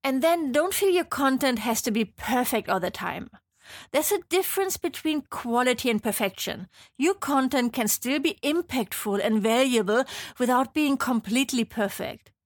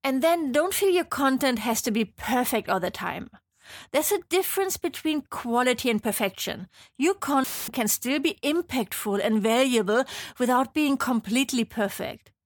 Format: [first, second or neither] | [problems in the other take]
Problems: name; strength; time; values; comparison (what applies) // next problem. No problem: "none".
first | audio cutting out; filled with static; at 7.5 s